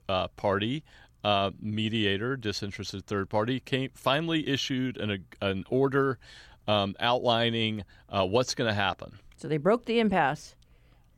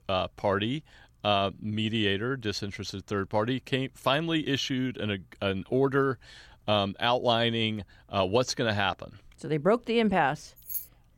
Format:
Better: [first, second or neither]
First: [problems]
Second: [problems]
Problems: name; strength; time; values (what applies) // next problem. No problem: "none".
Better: first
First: none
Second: jangling keys; noticeable; at 11 s; peak 7 dB below the speech